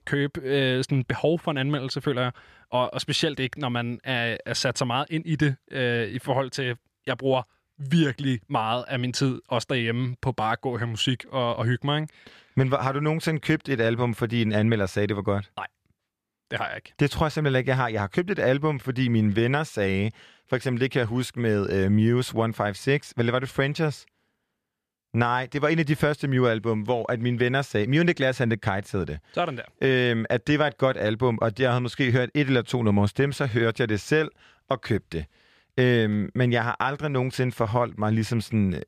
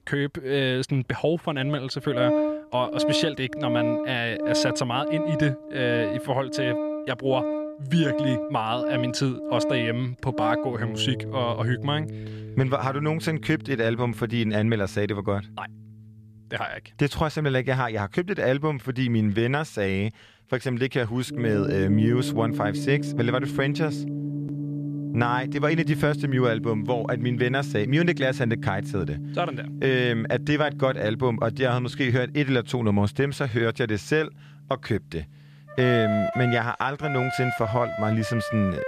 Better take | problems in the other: first | background music; loud; throughout; 5 dB below the speech

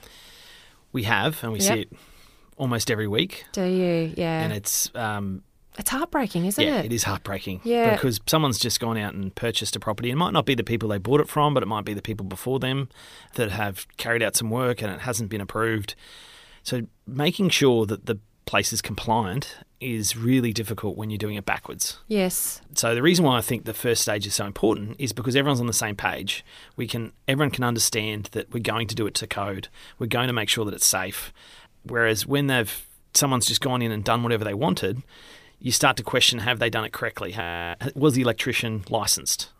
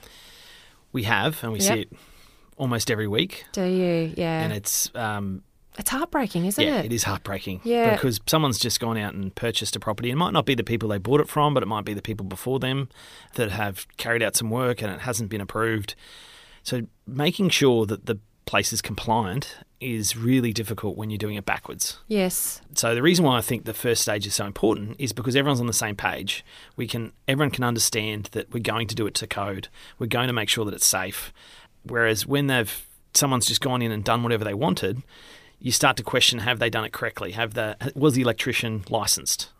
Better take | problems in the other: second | audio freezing; at 37 s

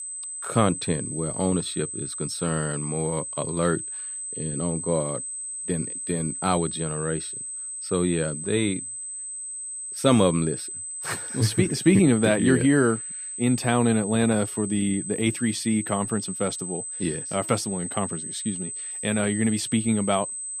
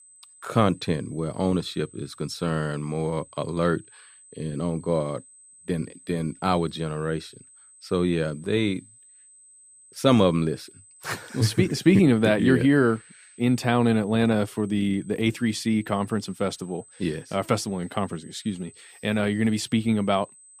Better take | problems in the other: second | high-pitched whine; loud; throughout; 8 kHz, 6 dB below the speech; faint in the second

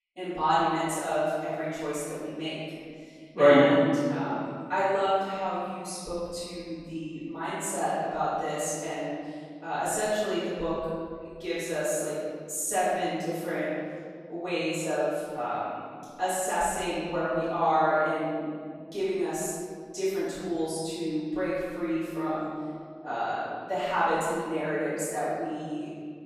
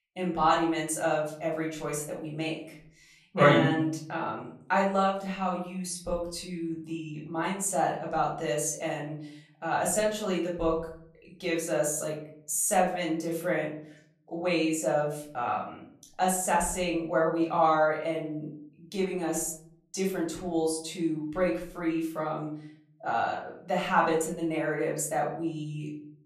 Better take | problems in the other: second | room echo; strong; dies away in 2.2 s; slight in the second // off-mic speech; far; far in the second

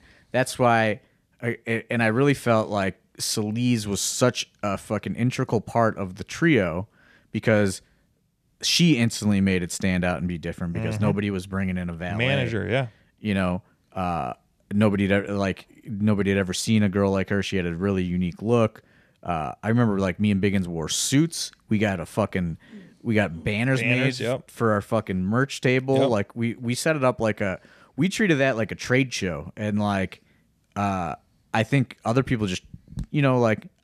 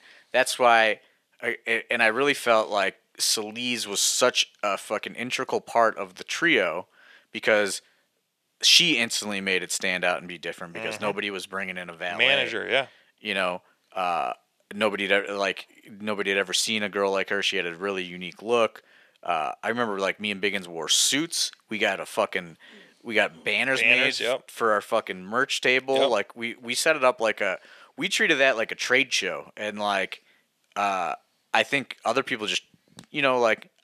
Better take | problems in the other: first | thin; somewhat; fading below 500 Hz

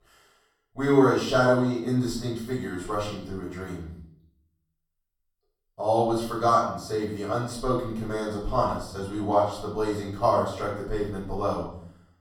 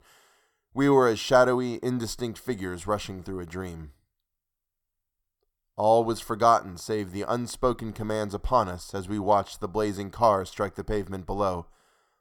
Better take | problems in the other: second | off-mic speech; far // room echo; noticeable; dies away in 0.6 s

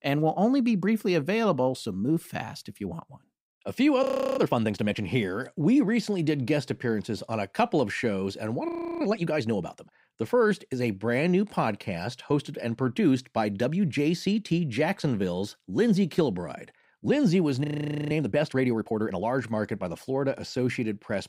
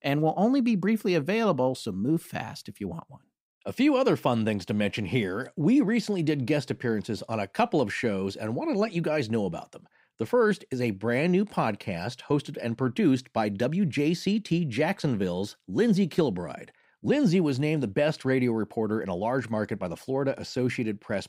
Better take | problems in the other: second | audio freezing; at 4 s, at 8.5 s and at 18 s

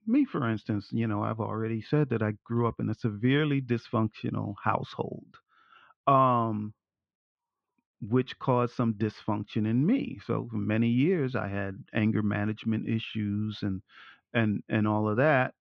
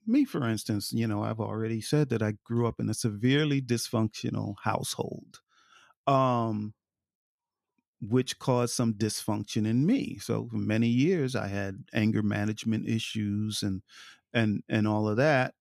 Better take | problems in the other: second | muffled; very; fading above 3 kHz

